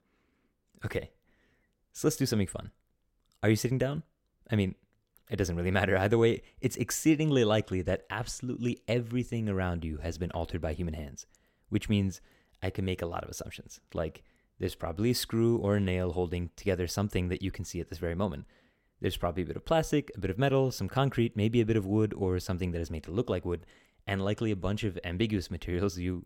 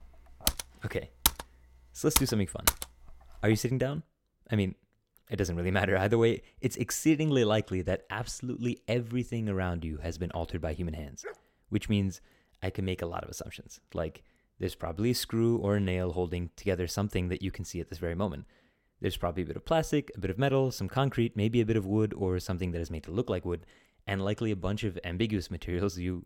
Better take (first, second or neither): first